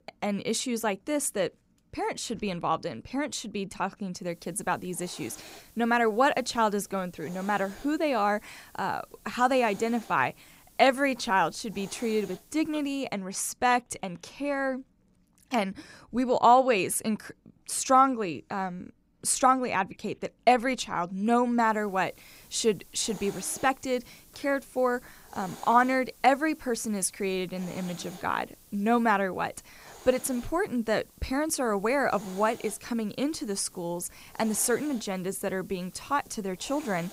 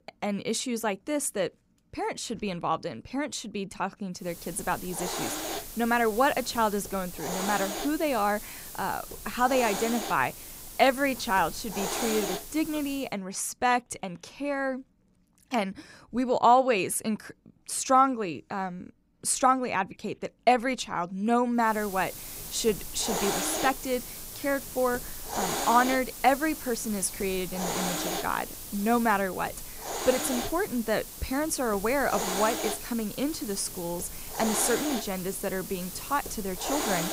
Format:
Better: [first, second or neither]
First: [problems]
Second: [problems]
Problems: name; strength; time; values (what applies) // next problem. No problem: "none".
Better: first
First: hiss; faint; from 4.5 to 13 s and from 22 s on; 20 dB below the speech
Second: hiss; loud; from 4.5 to 13 s and from 22 s on; 6 dB below the speech